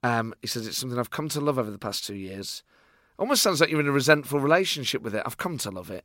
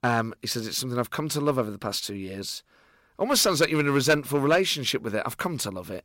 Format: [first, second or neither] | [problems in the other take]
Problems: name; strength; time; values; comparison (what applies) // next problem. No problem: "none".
first | distortion; slight; 1.4% of the sound clipped